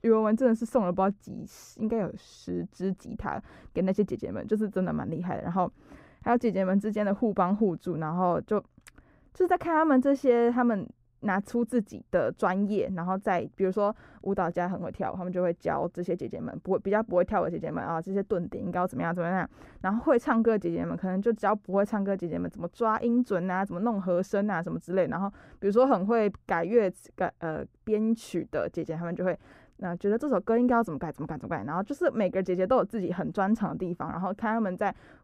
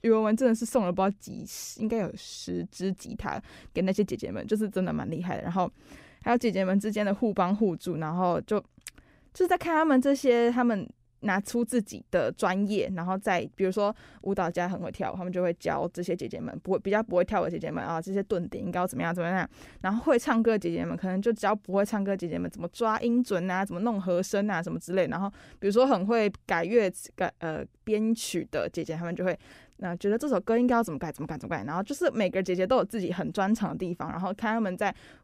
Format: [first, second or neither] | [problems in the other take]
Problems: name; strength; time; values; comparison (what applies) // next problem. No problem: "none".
second | muffled; slightly; fading above 1.5 kHz